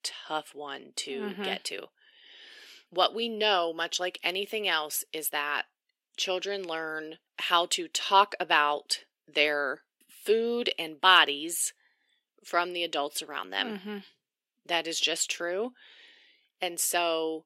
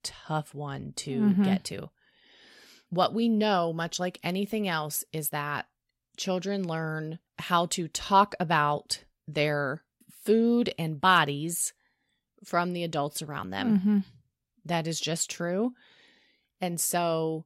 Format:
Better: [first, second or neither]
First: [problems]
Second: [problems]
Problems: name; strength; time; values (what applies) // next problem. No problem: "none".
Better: second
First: thin; very; fading below 350 Hz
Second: none